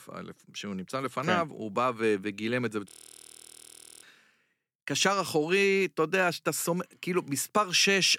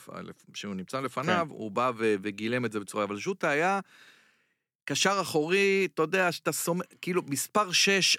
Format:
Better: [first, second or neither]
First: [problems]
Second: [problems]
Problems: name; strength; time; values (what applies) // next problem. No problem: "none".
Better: second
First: audio freezing; at 3 s for 1 s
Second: none